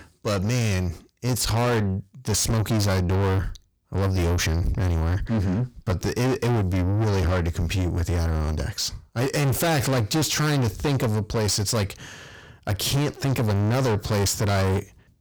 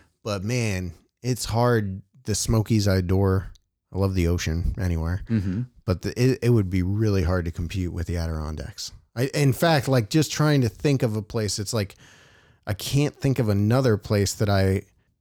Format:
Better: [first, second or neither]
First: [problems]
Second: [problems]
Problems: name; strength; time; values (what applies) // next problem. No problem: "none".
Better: second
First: distortion; heavy; 6 dB below the speech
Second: none